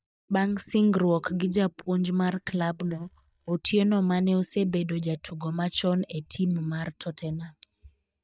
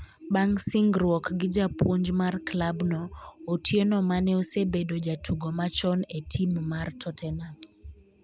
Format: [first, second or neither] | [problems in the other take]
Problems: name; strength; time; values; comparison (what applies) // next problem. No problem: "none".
second | noise reduction (neural mask model DeepFilterNet 3)